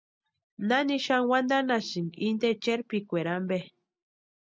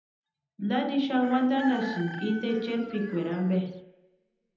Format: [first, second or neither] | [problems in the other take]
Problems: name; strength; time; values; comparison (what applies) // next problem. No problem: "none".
first | background sound (Chicken, rooster); 14 dB below the speech // room echo; dies away in 0.9 s